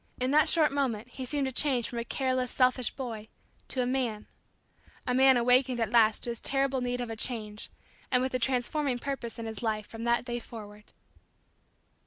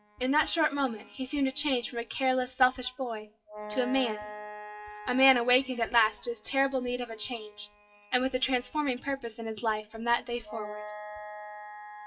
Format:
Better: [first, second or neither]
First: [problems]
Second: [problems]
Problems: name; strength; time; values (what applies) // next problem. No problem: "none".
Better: first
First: none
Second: noise reduction (classical method WPE with log-MMSE)